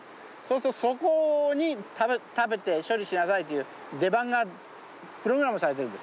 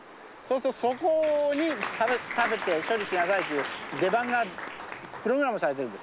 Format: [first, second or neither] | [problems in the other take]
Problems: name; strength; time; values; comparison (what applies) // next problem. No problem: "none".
first | background sound (Applause); 9 dB below the speech